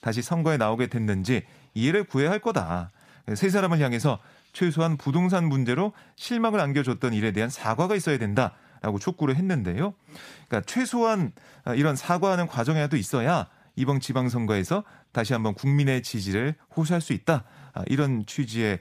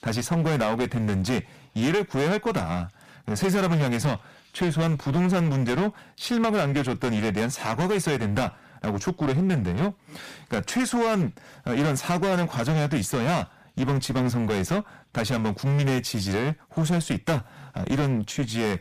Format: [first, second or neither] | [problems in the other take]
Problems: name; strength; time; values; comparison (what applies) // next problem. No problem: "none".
first | distortion; heavy; 18% of the sound clipped